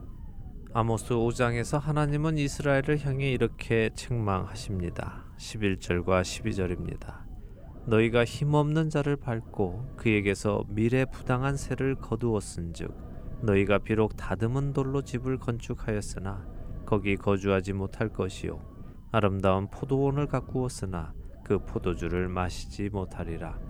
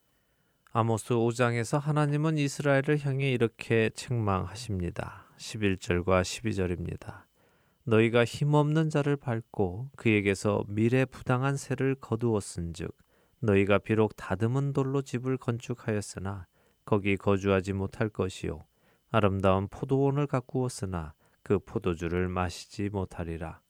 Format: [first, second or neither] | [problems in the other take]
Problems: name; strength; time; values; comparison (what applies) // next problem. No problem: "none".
second | low rumble; faint; throughout; 20 dB below the speech